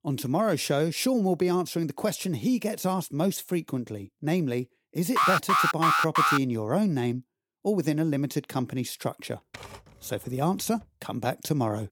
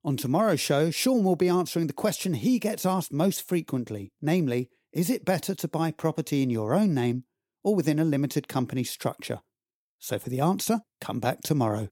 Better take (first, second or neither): second